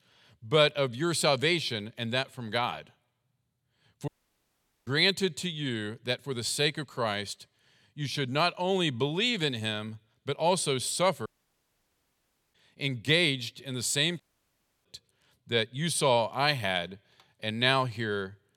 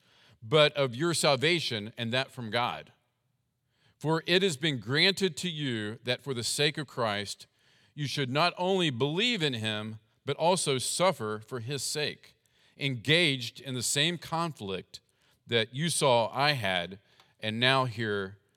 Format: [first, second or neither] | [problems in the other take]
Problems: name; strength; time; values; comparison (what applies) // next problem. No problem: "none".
second | audio cutting out; at 4 s for 1 s, at 11 s for 1.5 s and at 14 s for 0.5 s